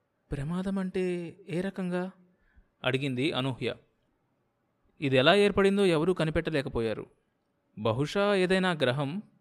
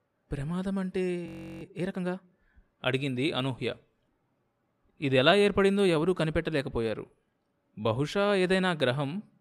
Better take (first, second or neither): first